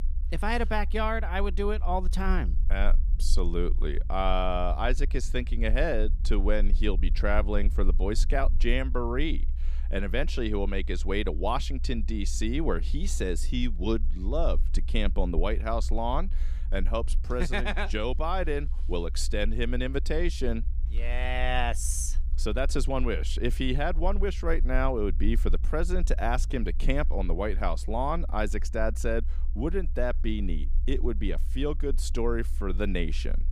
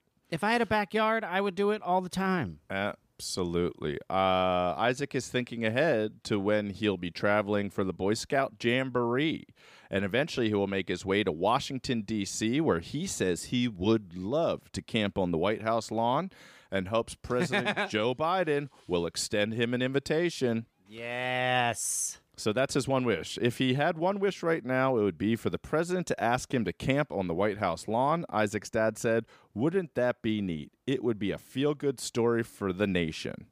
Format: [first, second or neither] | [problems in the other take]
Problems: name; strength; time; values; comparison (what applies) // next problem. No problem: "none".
second | low rumble; faint; throughout; 20 dB below the speech